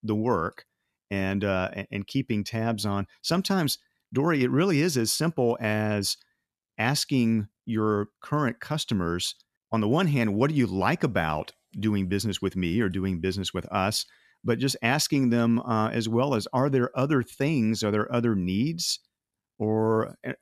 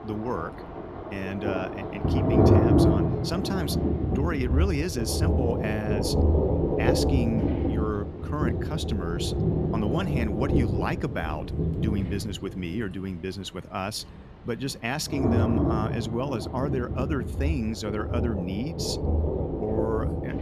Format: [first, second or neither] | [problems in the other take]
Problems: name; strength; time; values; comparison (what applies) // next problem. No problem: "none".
first | rain or running water; very loud; throughout; 5 dB above the speech